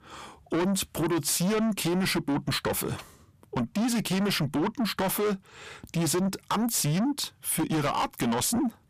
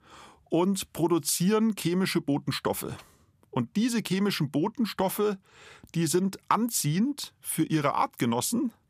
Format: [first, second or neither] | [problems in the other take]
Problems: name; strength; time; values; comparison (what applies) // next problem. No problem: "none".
second | distortion; heavy; 7 dB below the speech